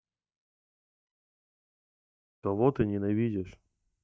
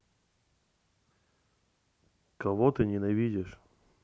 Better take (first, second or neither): second